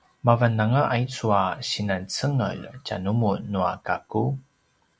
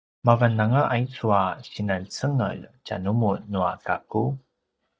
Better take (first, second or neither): first